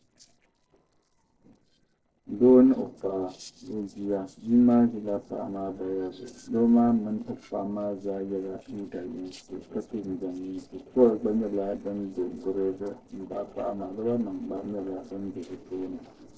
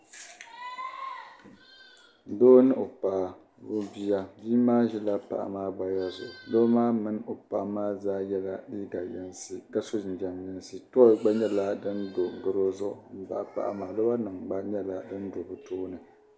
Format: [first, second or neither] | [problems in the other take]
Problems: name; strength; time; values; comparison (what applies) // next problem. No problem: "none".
second | noise reduction (neural separator model SepFormer DNS4)